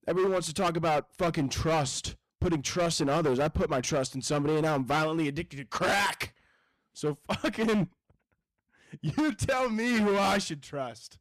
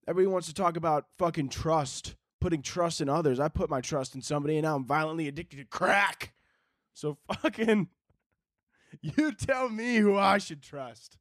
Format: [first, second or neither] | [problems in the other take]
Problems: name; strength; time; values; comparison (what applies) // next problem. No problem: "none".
second | distortion; heavy; 16% of the sound clipped